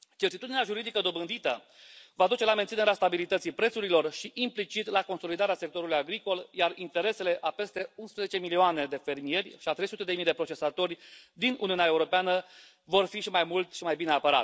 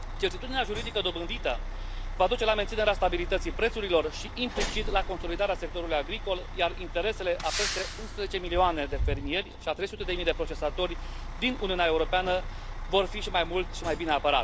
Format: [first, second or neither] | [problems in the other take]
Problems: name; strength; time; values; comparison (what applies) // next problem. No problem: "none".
first | background sound (Truck); 5 dB below the speech